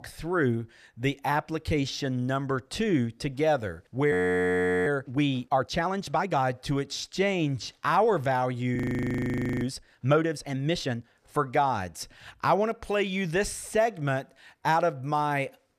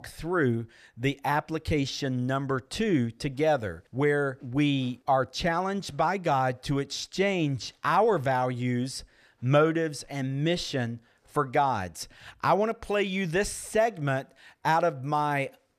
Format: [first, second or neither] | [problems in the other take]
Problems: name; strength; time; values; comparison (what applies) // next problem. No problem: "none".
second | audio freezing; at 4 s for 0.5 s and at 9 s for 1 s